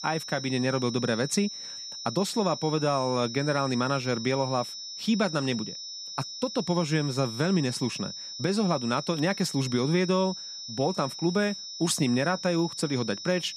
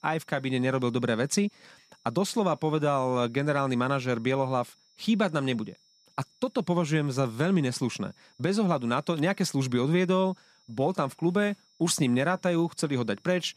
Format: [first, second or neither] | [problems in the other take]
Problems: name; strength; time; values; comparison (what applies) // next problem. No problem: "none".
second | high-pitched whine; loud; throughout; 5.5 kHz, 8 dB below the speech; faint in the second